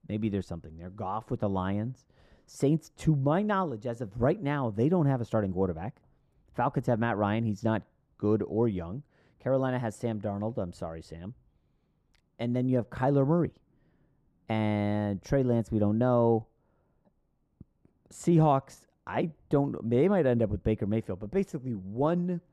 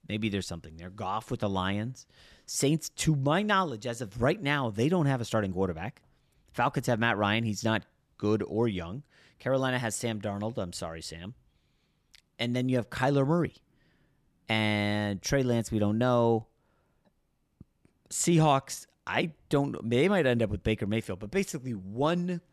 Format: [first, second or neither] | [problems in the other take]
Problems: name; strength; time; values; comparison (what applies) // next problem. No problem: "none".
second | muffled; slightly; fading above 1.5 kHz